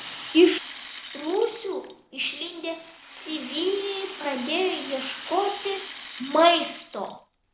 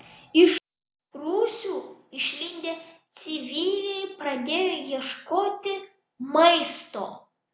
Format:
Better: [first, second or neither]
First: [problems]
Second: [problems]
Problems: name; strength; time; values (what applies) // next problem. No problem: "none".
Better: second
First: background sound (Rattle (instrument)); 14 dB below the speech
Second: none